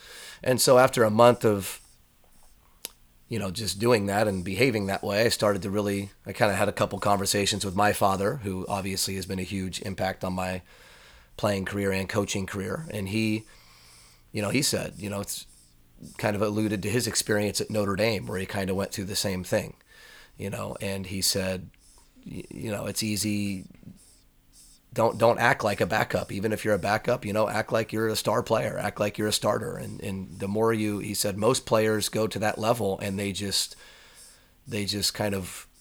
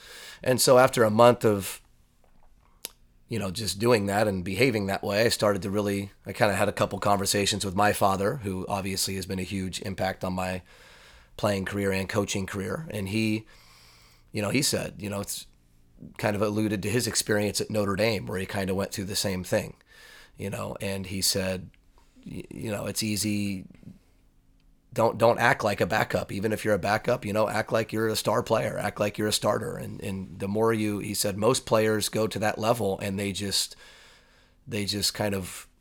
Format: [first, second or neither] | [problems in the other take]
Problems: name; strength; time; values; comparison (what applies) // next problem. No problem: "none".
second | hiss; faint; throughout; 30 dB below the speech